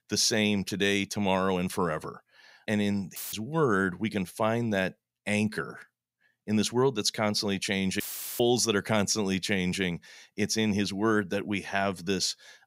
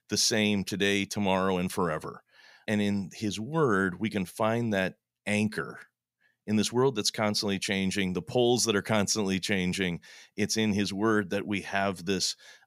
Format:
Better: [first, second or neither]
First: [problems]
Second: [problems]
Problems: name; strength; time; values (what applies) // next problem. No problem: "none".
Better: second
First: audio cutting out; filled with static; at 3 s and at 8 s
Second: none